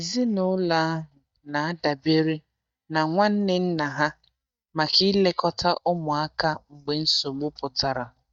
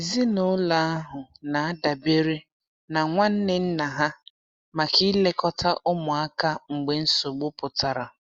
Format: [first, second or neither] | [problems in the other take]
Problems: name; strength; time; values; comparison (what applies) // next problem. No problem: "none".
second | noise reduction (neural mask model DeepFilterNet 3)